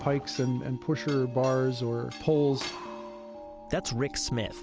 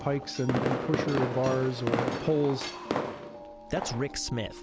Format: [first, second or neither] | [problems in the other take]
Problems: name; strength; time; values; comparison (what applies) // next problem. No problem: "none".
first | background sound (Fireworks); 3 dB below the speech